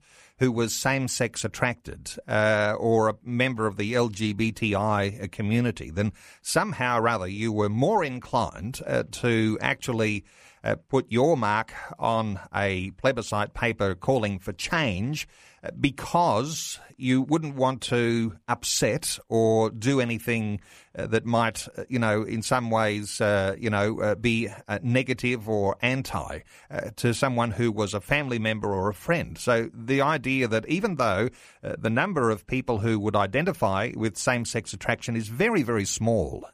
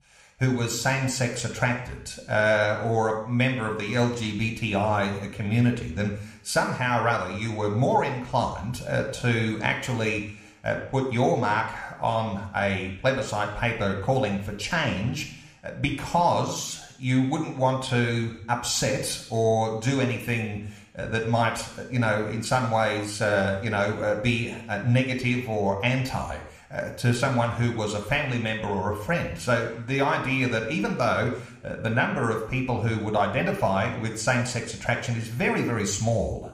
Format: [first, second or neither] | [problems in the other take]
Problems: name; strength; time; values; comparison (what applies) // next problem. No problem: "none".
first | room echo; slight; dies away in 0.7 s